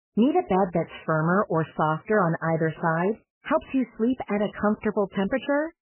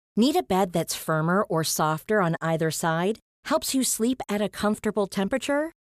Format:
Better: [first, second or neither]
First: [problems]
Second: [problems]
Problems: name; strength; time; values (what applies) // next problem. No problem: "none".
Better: second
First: garbled, watery; badly; nothing above 3 kHz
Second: none